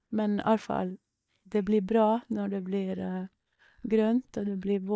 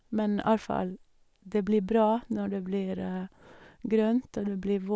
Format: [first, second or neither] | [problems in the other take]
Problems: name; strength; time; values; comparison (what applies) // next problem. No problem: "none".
second | noise reduction (neural mask model DeepFilterNet 3)